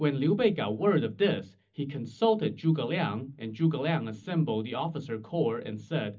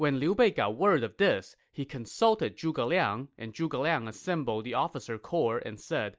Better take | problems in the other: second | room echo; dies away in 0.4 s

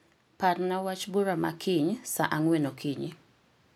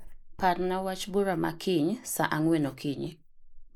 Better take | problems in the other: first | noise reduction (neural mask model Resemble Enhance denoiser)

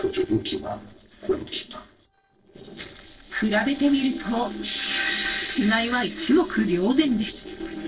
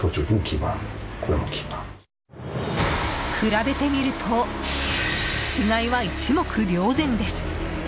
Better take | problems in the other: second | noise reduction (neural separator model SepFormer DNS4)

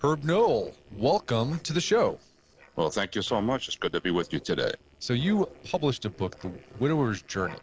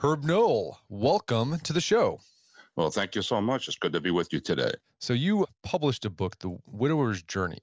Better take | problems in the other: second | noise reduction (neural separator model SepFormer DNS4)

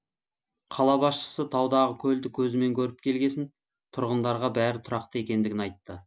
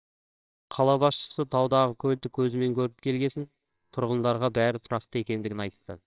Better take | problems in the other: first | noise reduction (neural separator model SepFormer WHAMR!)

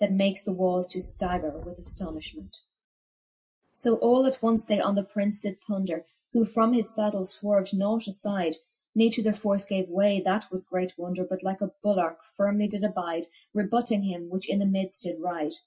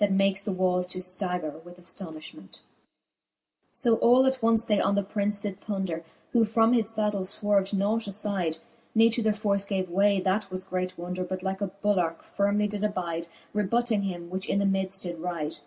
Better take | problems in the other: second | noise reduction (classical method Wiener filter)

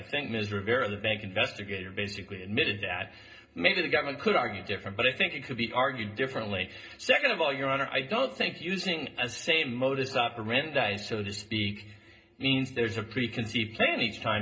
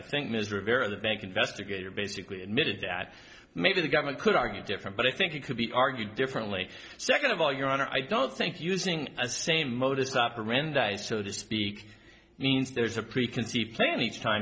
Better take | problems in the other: second | room echo; dies away in 0.2 s

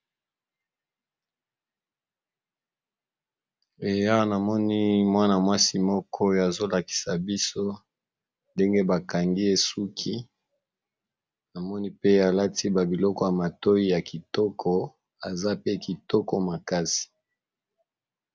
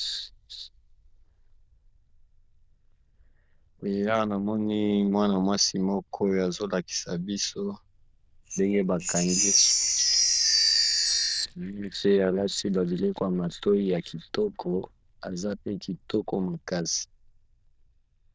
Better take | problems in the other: first | noise reduction (neural diffusion model UNIVERSE++)

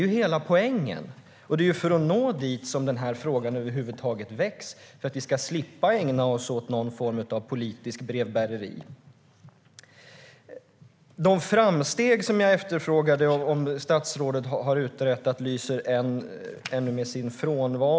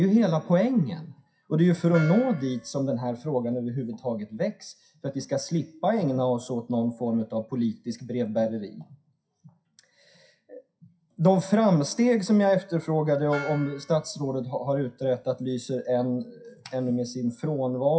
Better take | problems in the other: first | noise reduction (classical method WPE with log-MMSE)

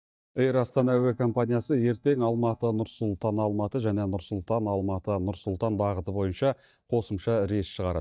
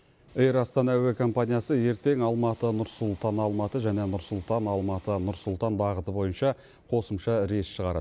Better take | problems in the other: second | noise reduction (neural mask model DeepFilterNet 3)

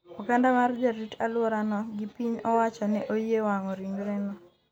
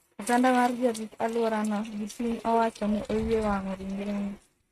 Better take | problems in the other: first | noise reduction (neural mask model RNNoise)

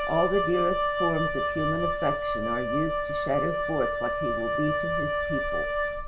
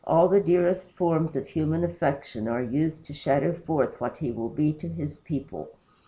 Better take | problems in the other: second | background sound (Wind instrument, woodwind instrument); 2 dB above the speech

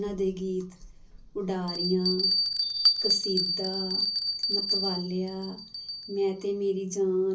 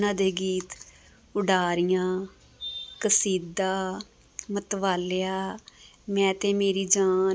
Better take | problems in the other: second | background sound (Bell); as loud as the speech // room echo; dies away in 0.5 s

